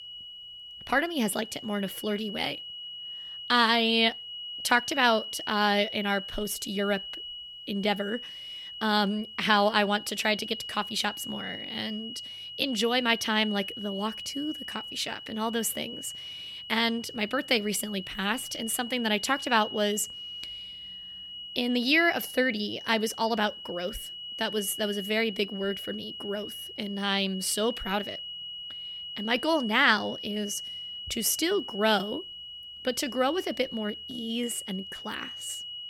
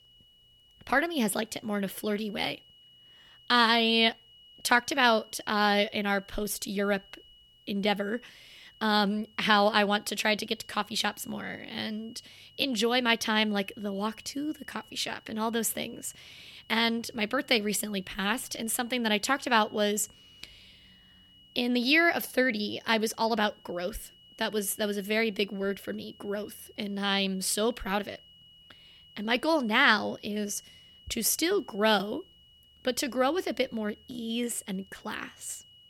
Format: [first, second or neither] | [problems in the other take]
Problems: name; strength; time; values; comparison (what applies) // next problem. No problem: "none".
second | high-pitched whine; loud; throughout; 3 kHz, 10 dB below the speech; faint in the second